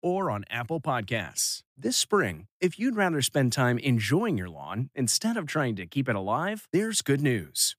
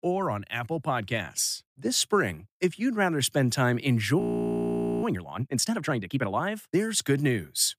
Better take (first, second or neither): first